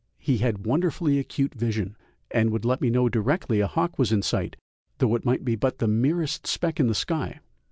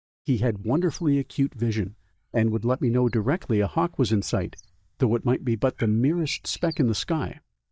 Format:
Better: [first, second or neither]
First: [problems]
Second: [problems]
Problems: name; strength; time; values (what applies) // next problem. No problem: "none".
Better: first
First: none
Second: noise reduction (neural mask model DeepFilterNet 3)